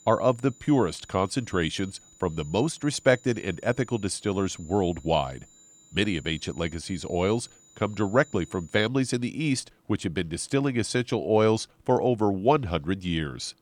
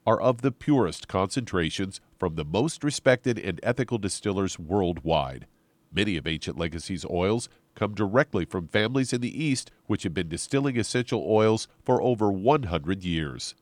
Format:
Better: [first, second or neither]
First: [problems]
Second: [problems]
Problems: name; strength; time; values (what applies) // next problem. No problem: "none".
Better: second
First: high-pitched whine; faint; until 9 s; 7 kHz, 25 dB below the speech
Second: none